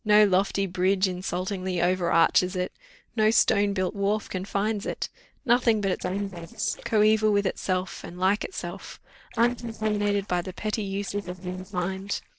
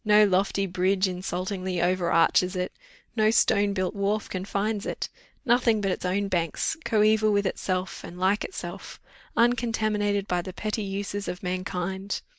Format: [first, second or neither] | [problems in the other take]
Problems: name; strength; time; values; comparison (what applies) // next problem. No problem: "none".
second | noise reduction (neural separator model SepFormer DNS4)